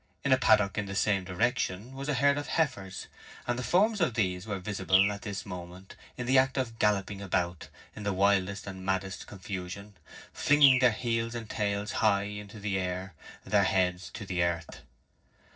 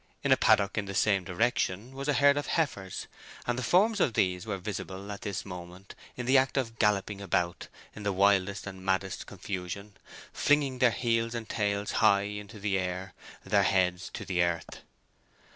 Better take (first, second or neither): second